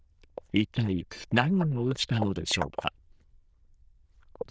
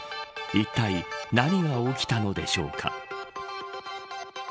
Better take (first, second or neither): second